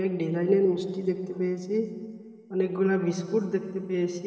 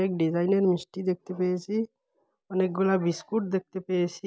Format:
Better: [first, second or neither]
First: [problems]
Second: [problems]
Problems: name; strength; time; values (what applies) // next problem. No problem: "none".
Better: second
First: room echo; dies away in 2.9 s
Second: none